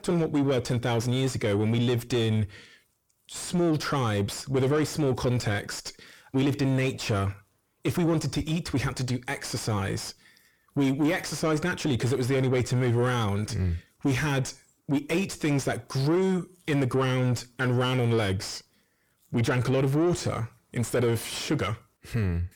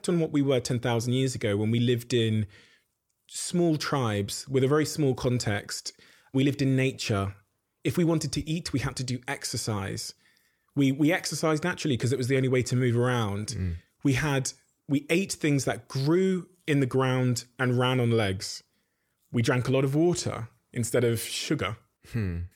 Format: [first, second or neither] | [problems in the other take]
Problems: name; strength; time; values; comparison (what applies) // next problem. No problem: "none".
second | distortion; slight; 10 dB below the speech